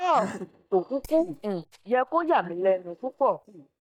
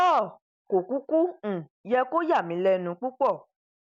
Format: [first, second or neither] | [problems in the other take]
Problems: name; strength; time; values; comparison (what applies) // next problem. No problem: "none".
second | noise reduction (neural mask model DeepFilterNet 3)